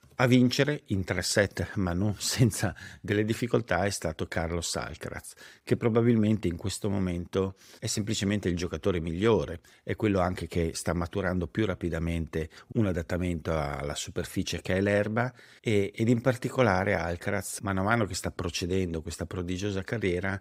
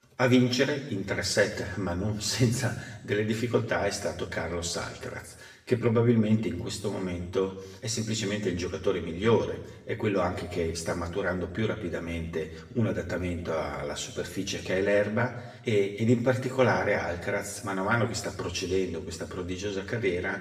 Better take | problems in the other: first | room echo; slight; dies away in 0.9 s // off-mic speech; far

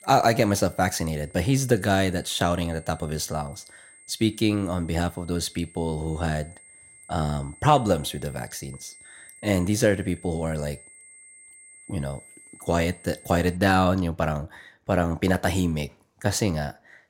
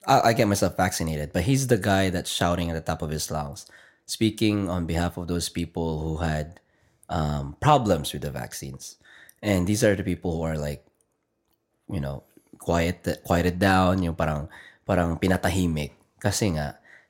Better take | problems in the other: second | high-pitched whine; faint; until 14 s; 8.5 kHz, 20 dB below the speech

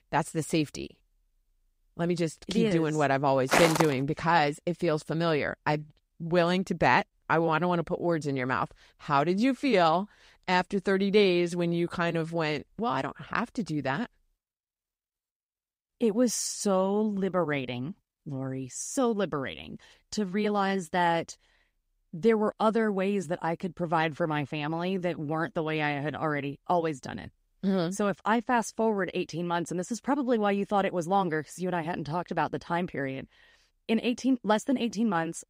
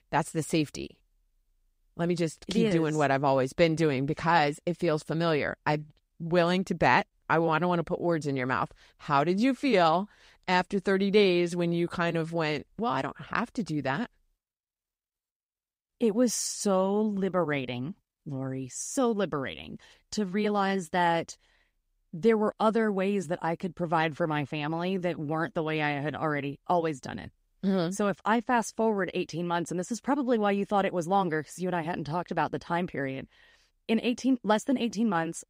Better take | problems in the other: second | footsteps; loud; at 3.5 s; peak 4 dB above the speech

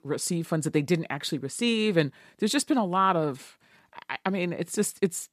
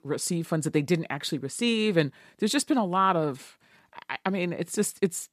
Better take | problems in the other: neither | none

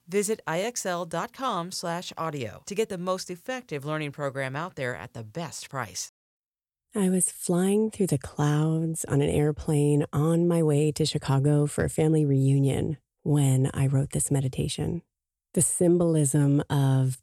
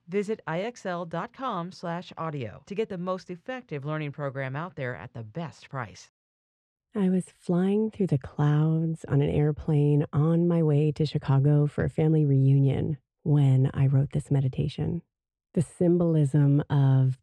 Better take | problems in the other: first | muffled; slightly; fading above 3 kHz

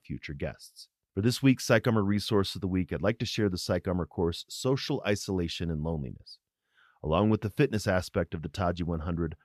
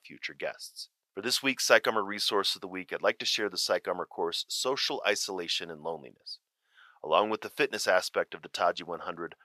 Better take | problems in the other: first | thin; very; fading below 700 Hz

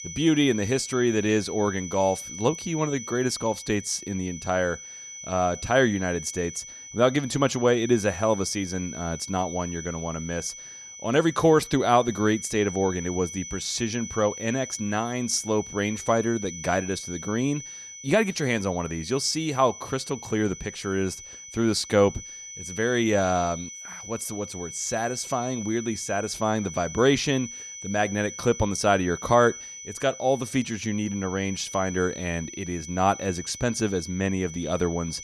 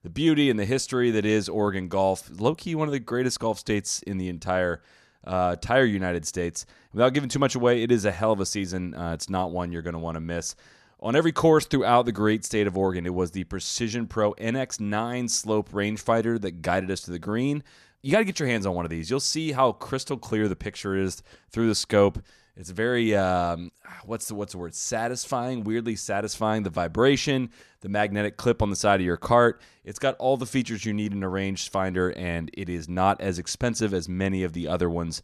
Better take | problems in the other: second | high-pitched whine; noticeable; throughout; 6 kHz, 10 dB below the speech

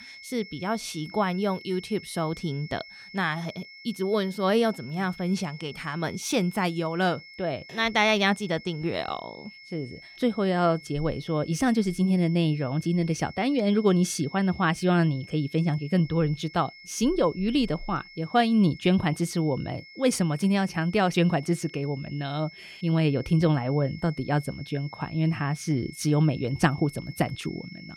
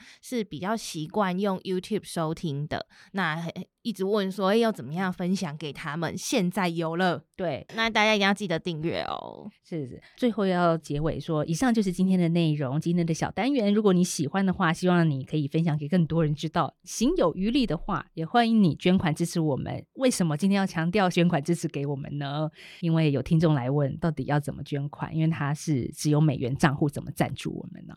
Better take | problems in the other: second | high-pitched whine; noticeable; throughout; 2 kHz, 20 dB below the speech

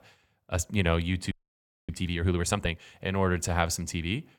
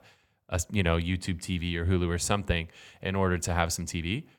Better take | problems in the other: second | audio freezing; at 1.5 s for 0.5 s

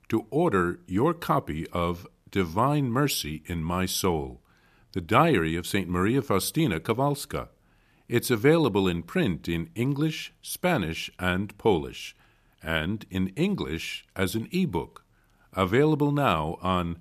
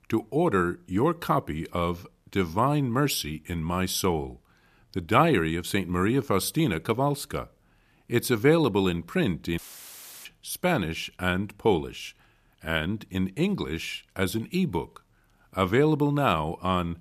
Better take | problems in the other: first | audio cutting out; filled with static; at 9.5 s for 0.5 s

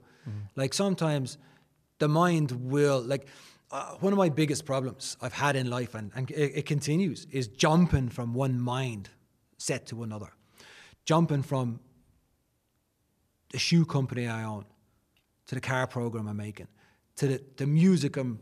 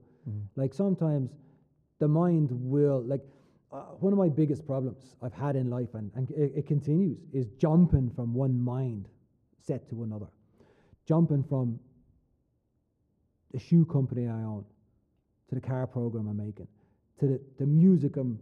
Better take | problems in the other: first | muffled; very; fading above 1 kHz

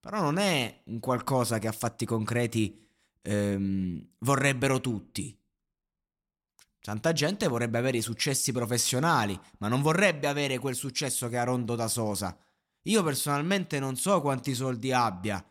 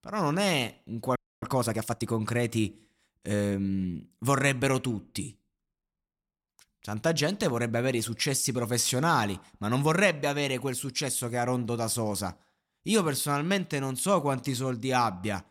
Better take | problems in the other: first | audio freezing; at 1 s

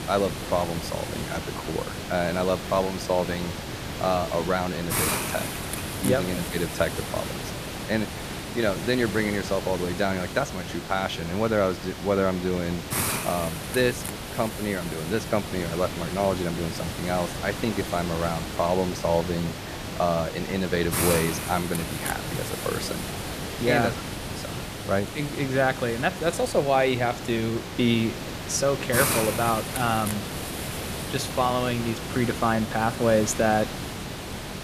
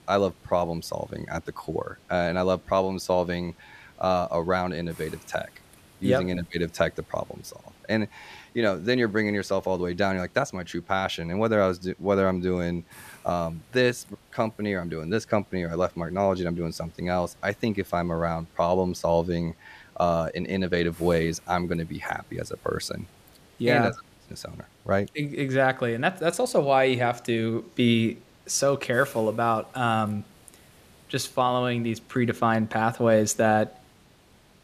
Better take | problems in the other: second | hiss; loud; throughout; 5 dB below the speech; faint in the second

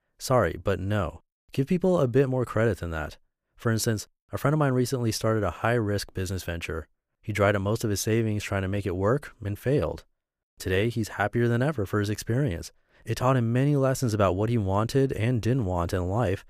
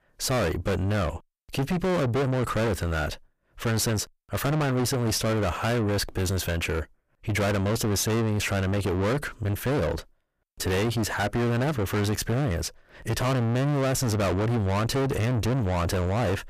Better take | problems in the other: first | distortion; heavy; 5 dB below the speech

